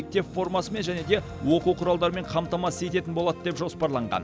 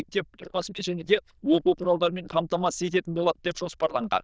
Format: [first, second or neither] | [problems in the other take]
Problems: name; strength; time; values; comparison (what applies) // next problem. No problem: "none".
first | noise reduction (neural diffusion model UNIVERSE++)